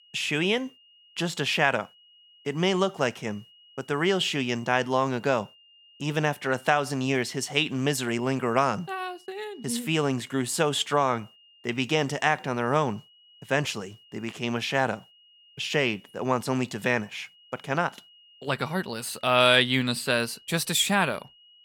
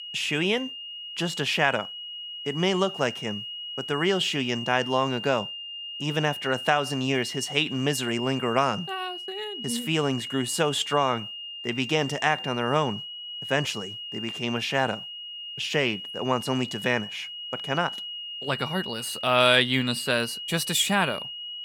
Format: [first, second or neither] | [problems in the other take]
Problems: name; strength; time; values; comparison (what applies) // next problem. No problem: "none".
first | high-pitched whine; loud; throughout; 3 kHz, 8 dB below the speech; faint in the first